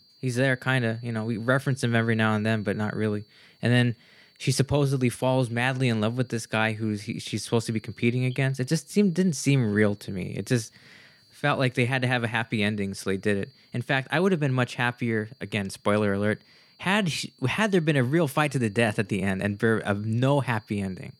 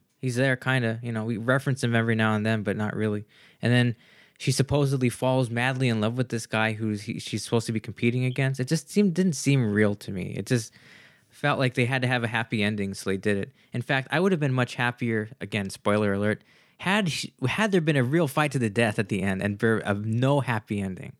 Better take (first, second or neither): second